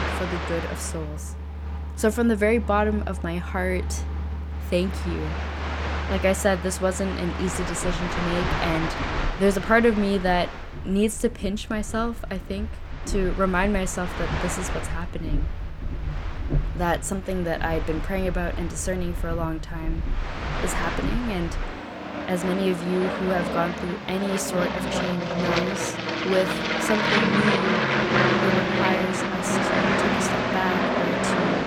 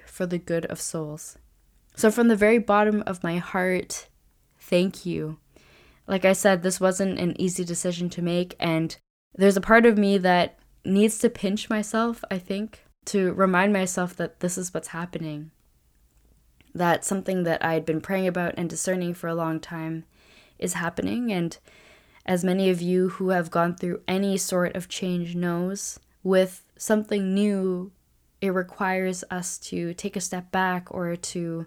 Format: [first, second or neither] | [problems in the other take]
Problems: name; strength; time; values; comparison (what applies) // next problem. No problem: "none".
second | train or aircraft noise; loud; throughout; 1 dB below the speech